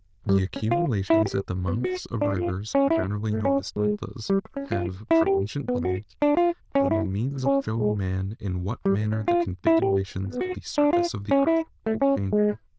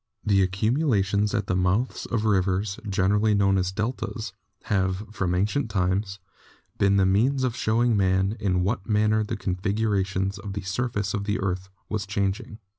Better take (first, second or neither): second